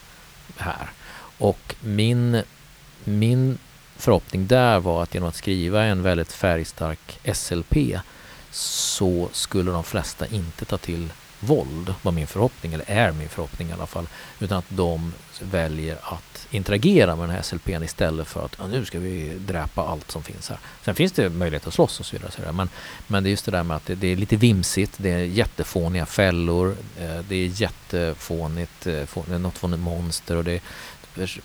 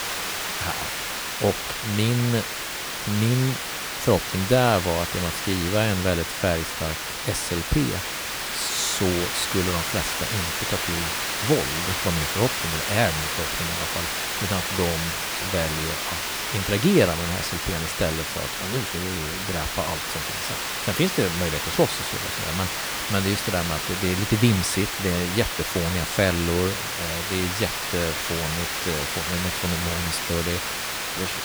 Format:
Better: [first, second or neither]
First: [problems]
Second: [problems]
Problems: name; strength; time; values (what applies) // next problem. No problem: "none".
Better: first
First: hiss; faint; throughout; 25 dB below the speech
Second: hiss; loud; throughout; as loud as the speech